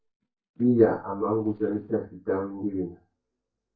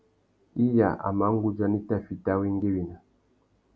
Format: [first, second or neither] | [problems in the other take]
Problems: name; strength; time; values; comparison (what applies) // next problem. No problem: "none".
second | noise reduction (neural mask model DeepFilterNet 3)